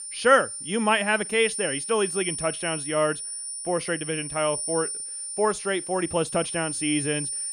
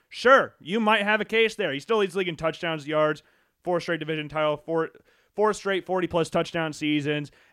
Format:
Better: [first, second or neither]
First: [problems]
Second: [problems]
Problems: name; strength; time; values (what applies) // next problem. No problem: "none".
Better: second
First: high-pitched whine; loud; throughout; 9.5 kHz, 5 dB below the speech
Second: none